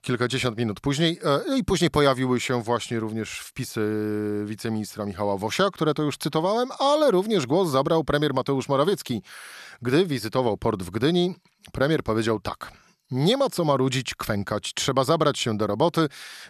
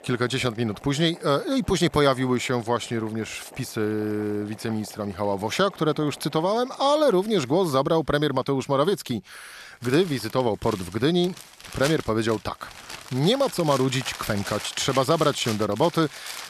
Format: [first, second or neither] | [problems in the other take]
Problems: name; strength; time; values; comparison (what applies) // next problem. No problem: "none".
first | household noises; noticeable; throughout; 15 dB below the speech